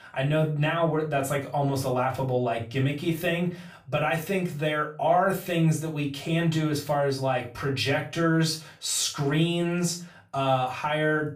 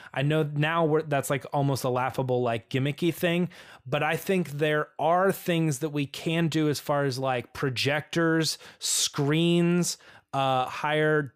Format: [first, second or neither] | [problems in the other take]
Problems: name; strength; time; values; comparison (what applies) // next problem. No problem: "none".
second | off-mic speech; far // room echo; slight; dies away in 0.3 s